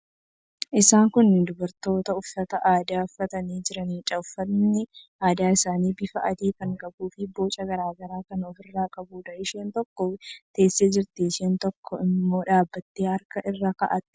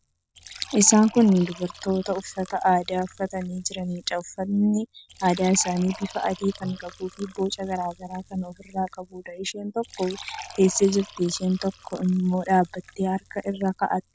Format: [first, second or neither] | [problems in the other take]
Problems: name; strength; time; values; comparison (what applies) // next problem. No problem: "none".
first | background sound (Fill (with liquid) / Trickle, dribble); 20 dB below the speech